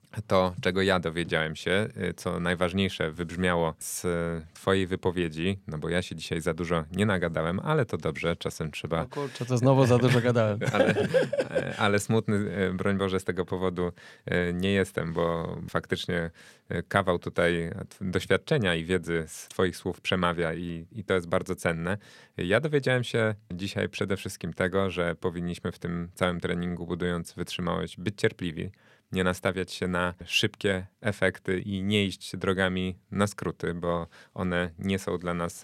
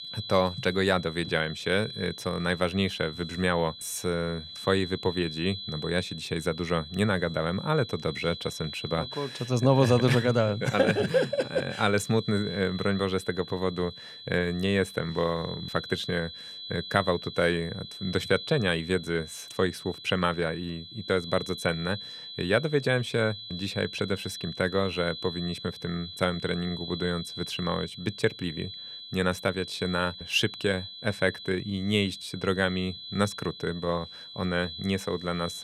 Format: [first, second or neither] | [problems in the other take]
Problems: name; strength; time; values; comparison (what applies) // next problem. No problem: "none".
first | high-pitched whine; noticeable; throughout; 4 kHz, 10 dB below the speech